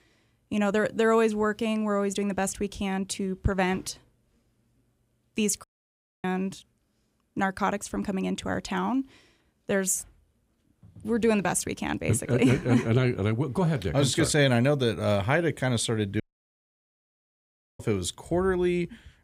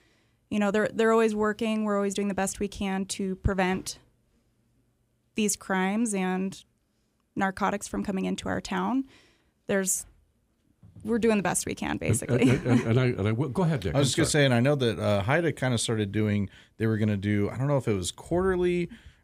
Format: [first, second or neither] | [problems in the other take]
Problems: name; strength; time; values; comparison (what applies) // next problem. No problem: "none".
second | audio cutting out; at 5.5 s for 0.5 s and at 16 s for 1.5 s